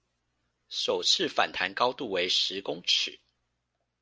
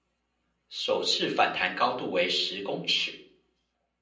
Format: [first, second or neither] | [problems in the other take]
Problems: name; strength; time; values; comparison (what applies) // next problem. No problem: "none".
first | room echo; dies away in 0.6 s